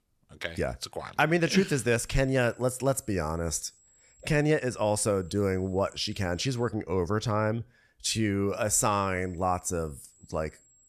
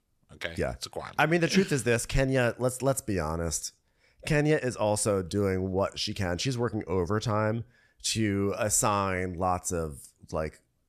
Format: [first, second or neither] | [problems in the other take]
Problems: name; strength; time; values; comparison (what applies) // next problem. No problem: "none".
second | high-pitched whine; faint; from 2 to 6.5 s and from 8.5 s on; 7.5 kHz, 30 dB below the speech